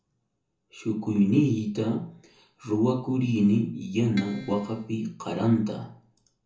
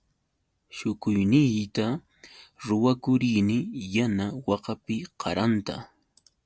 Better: second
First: background sound (Keyboard (musical)); 13 dB below the speech // room echo; dies away in 0.7 s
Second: none

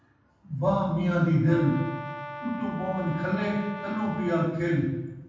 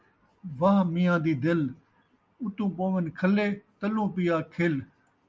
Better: second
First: background sound (Brass instrument); 13 dB below the speech // room echo; dies away in 1.2 s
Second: none

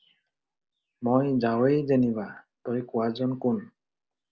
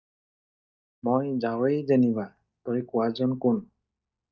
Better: first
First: none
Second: noise reduction (neural mask model DeepFilterNet 3)

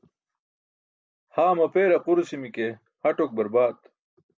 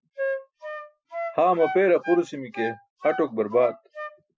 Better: first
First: none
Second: noise reduction (classical method Wiener filter)

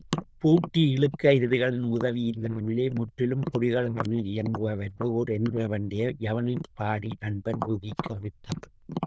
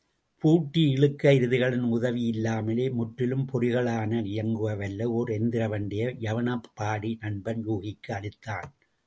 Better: second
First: noise reduction (neural diffusion model UNIVERSE++)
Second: none

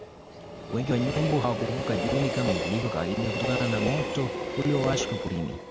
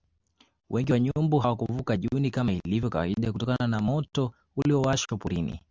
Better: second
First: background sound (Train); 2 dB below the speech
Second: none

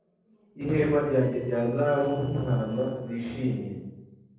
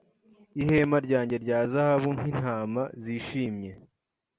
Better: second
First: noise reduction (neural separator model SepFormer DNS4)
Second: none

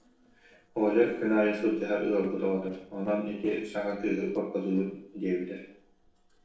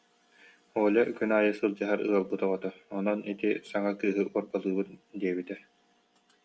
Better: second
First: noise reduction (neural separator model SepFormer DNS4)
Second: none

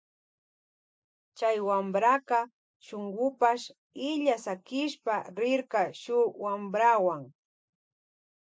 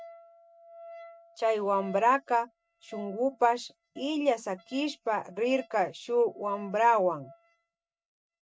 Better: first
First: none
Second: noise reduction (neural mask model RNNoise)

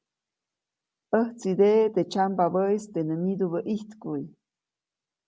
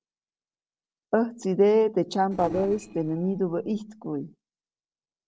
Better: first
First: none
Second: noise reduction (neural separator model SepFormer DNS4)

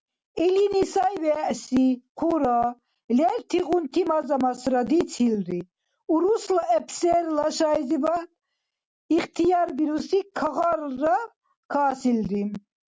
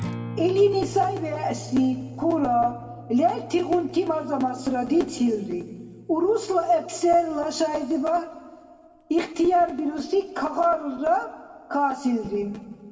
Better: first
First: none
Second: background sound (Acoustic guitar); 17 dB below the speech // room echo; dies away in 1.6 s

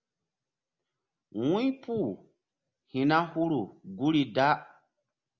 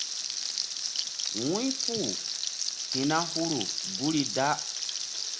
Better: first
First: none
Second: background sound (Frying (food)); as loud as the speech

